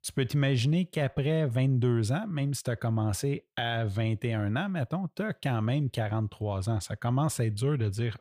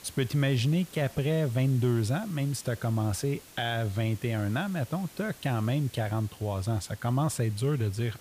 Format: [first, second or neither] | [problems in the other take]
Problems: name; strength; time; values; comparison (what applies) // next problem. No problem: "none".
first | hiss; noticeable; throughout; 20 dB below the speech